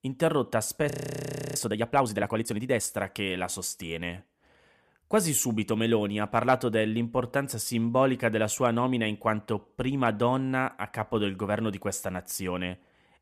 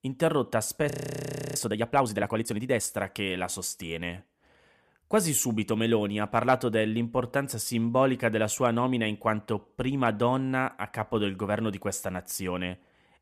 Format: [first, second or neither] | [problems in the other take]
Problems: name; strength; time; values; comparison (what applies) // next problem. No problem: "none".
neither | audio freezing; at 1 s for 0.5 s; the same in both